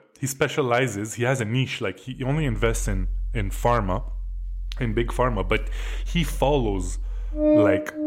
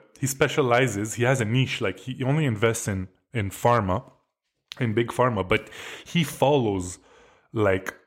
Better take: second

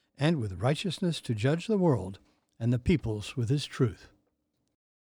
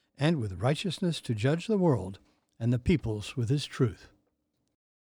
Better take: neither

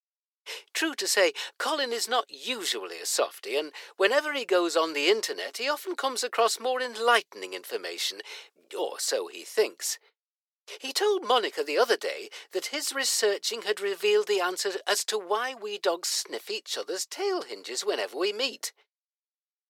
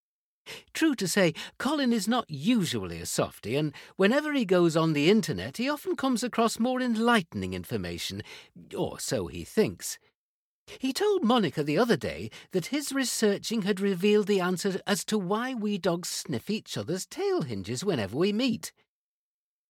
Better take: second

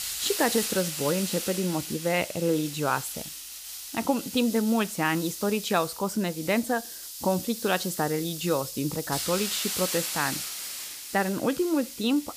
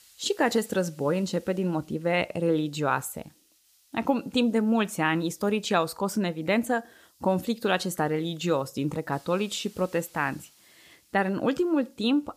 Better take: second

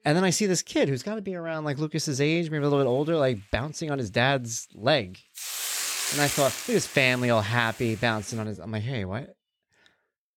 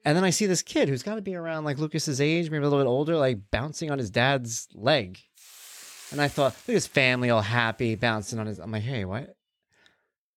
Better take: second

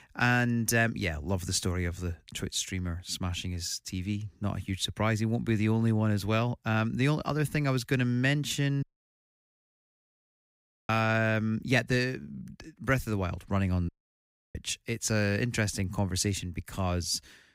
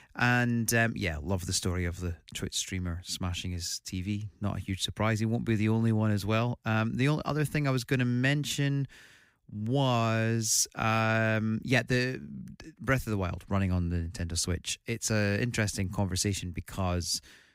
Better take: second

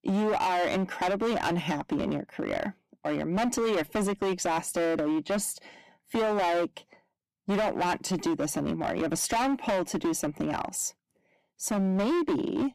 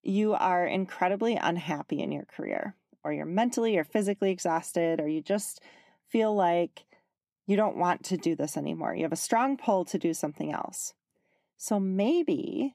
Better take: second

